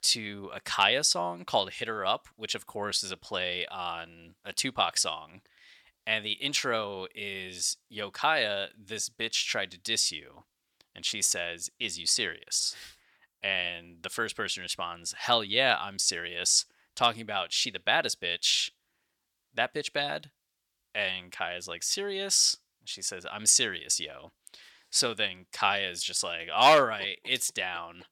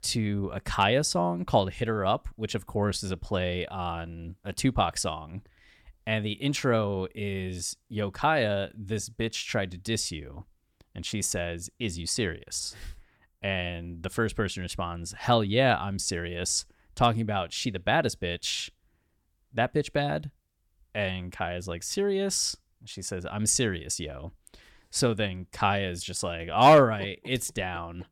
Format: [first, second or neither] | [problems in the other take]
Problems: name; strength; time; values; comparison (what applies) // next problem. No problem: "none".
second | thin; somewhat; fading below 1 kHz